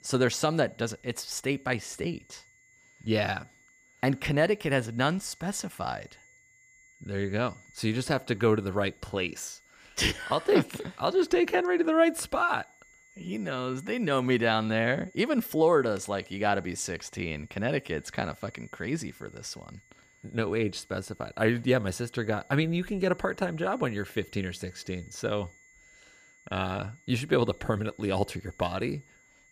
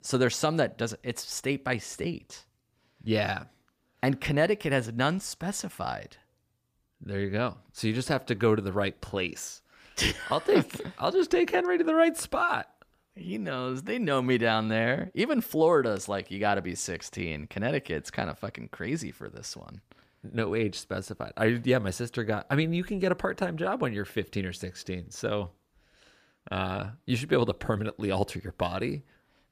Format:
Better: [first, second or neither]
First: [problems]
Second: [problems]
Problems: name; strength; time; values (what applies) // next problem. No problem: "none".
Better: second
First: high-pitched whine; faint; throughout; 2 kHz, 30 dB below the speech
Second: none